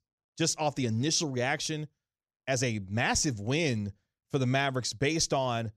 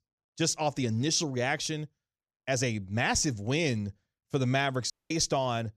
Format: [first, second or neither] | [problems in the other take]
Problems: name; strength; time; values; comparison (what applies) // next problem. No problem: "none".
first | audio cutting out; at 5 s